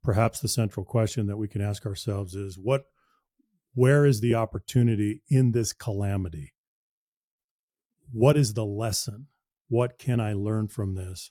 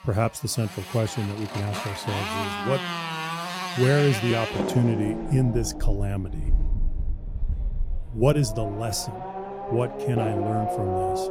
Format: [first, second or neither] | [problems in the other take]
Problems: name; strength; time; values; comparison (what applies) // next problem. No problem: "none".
first | traffic noise; loud; throughout; 4 dB below the speech